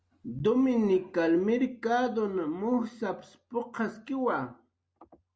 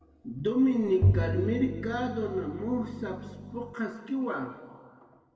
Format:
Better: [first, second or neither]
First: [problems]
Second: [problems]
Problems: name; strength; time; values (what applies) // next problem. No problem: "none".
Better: first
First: none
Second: background sound (Bowed string instrument); as loud as the speech // room echo; dies away in 1.6 s